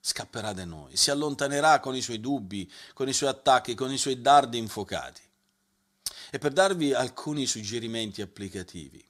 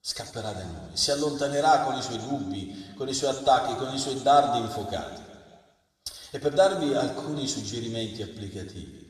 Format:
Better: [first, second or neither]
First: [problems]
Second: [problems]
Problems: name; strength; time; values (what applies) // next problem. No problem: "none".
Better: first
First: none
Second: room echo; noticeable; dies away in 1.6 s // off-mic speech; somewhat distant